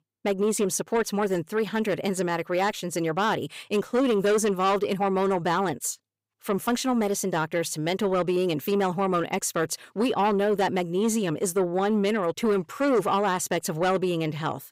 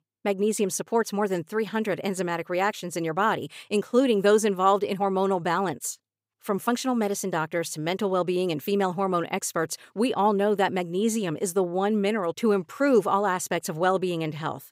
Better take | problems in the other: second | distortion; slight; 10 dB below the speech

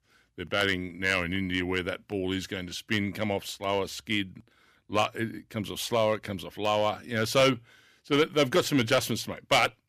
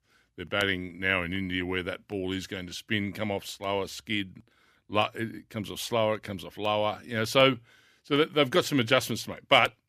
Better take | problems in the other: second | distortion; slight; 1.6% of the sound clipped

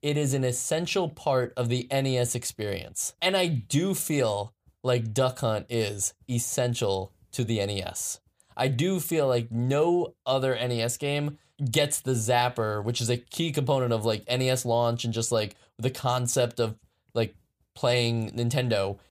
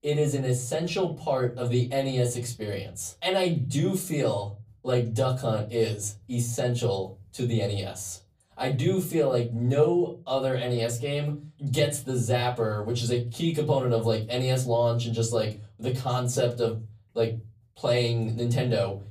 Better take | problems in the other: first | off-mic speech; far // room echo; very slight; dies away in 0.4 s

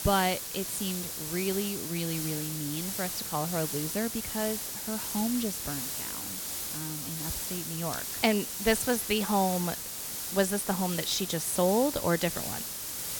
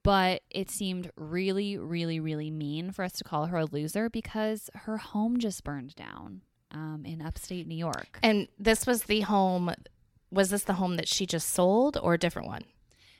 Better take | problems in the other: second | hiss; loud; throughout; 2 dB below the speech

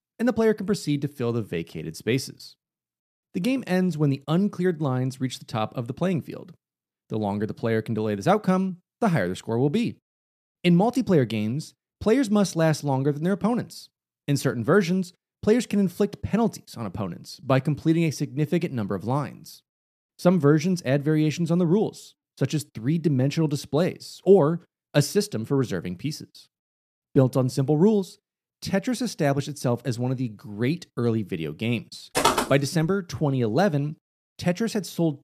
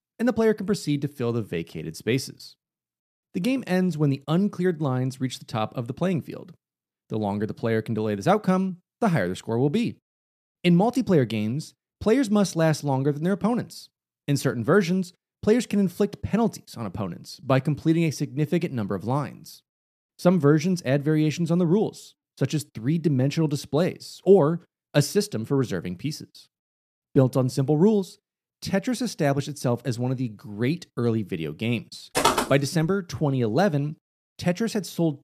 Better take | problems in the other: neither | footsteps; loud; at 32 s; peak 3 dB above the speech; the same in both

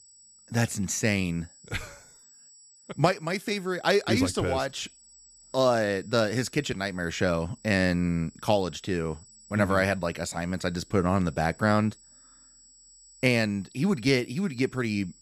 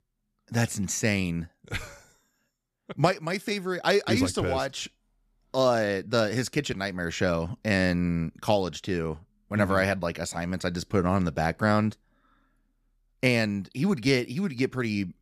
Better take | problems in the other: second | high-pitched whine; faint; throughout; 8 kHz, 25 dB below the speech

